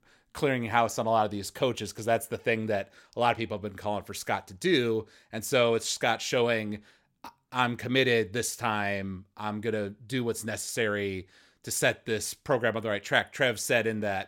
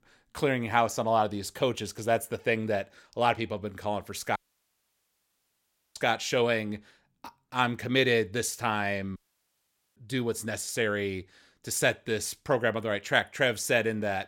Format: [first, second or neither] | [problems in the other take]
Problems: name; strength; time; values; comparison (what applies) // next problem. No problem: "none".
first | audio cutting out; at 4.5 s for 1.5 s and at 9 s for 1 s